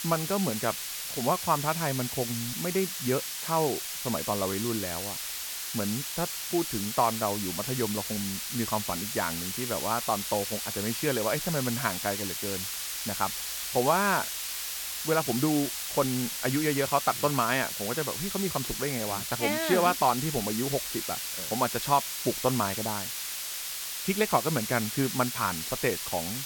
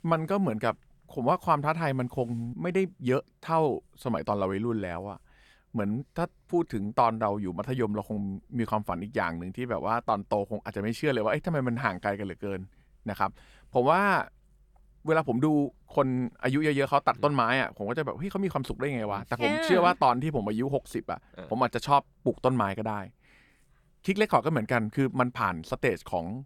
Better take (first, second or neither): second